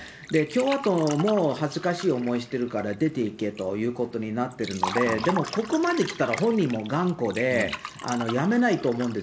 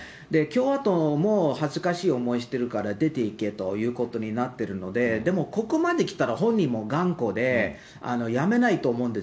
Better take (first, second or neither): second